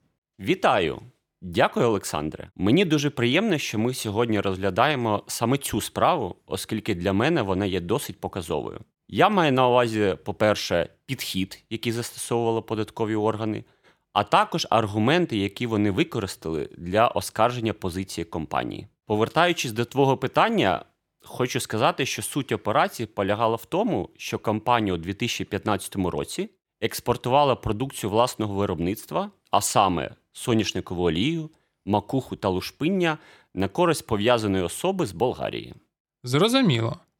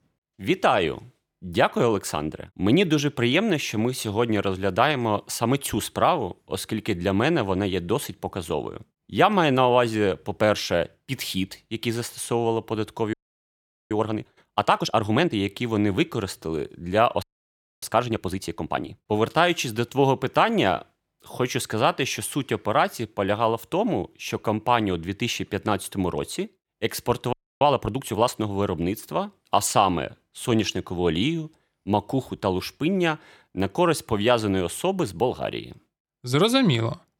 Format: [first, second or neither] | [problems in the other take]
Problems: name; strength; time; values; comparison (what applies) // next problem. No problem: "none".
first | audio freezing; at 13 s for 1 s, at 17 s for 0.5 s and at 27 s